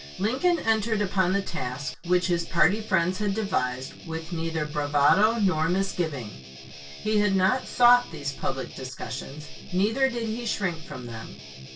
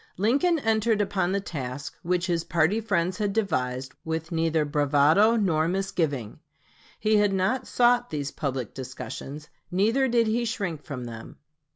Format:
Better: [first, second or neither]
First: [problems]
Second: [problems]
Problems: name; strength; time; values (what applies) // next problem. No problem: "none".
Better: second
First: background sound (Guitar); 17 dB below the speech // room echo; dies away in 0.2 s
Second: none